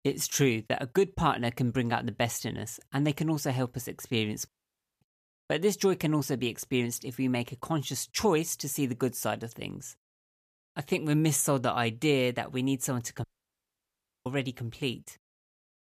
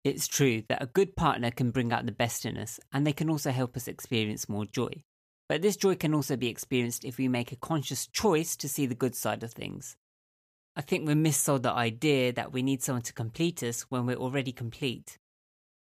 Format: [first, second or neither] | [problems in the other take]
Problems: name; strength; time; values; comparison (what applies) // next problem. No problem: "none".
second | audio cutting out; at 4.5 s for 0.5 s and at 13 s for 1 s